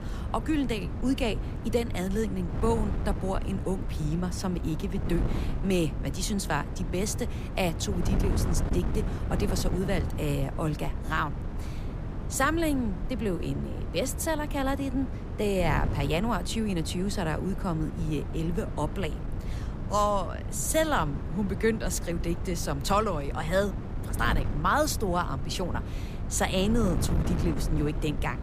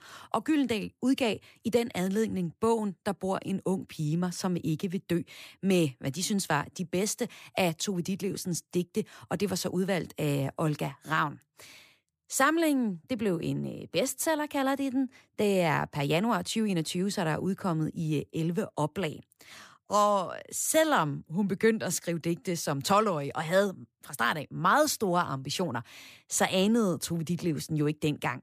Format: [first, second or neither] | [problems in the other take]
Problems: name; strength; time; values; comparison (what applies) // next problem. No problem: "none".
second | wind noise on the microphone; occasional gusts; 10 dB below the speech